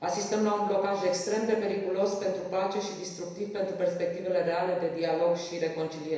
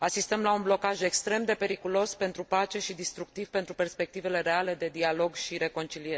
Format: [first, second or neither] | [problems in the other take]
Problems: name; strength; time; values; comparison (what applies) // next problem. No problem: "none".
second | room echo; dies away in 1 s